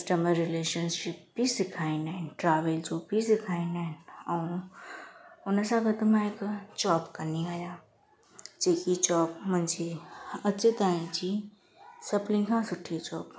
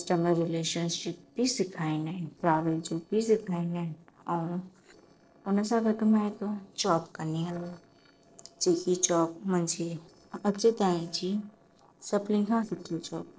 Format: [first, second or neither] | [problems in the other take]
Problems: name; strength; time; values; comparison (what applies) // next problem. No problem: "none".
first | noise reduction (neural separator model SepFormer DNS4)